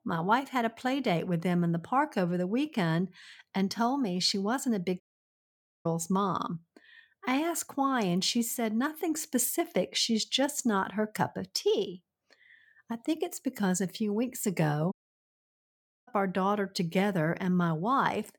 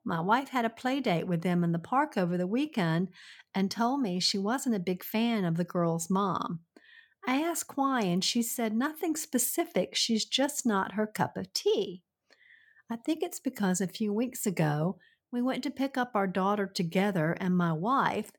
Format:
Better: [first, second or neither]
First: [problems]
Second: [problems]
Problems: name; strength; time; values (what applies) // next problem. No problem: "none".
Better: second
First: audio cutting out; at 5 s for 1 s and at 15 s for 1 s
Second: none